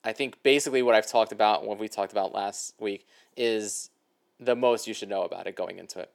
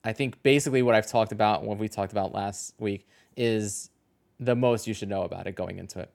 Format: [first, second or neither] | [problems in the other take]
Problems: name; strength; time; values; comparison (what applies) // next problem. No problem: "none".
second | thin; somewhat; fading below 400 Hz